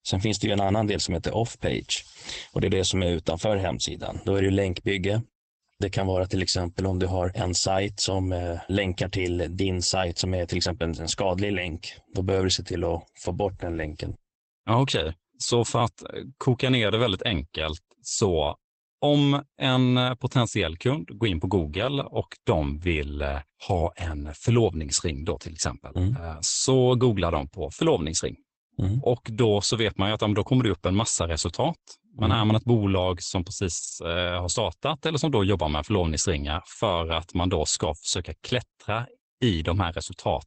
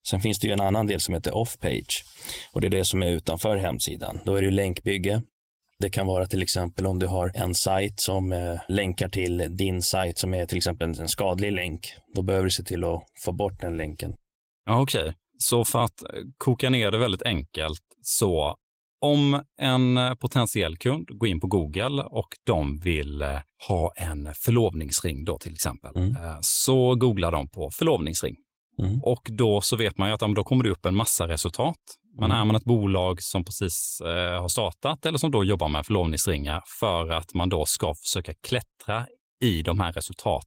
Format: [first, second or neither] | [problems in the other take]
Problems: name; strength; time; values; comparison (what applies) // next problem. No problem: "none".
second | garbled, watery; badly; nothing above 8 kHz; slightly in the second